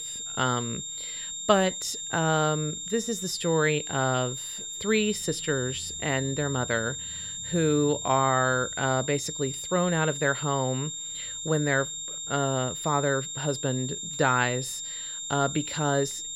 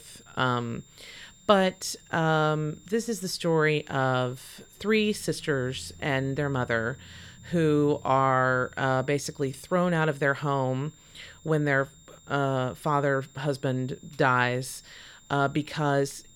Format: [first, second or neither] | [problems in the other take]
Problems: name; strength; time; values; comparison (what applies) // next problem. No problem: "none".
second | high-pitched whine; loud; throughout; 7.5 kHz, 6 dB below the speech; faint in the second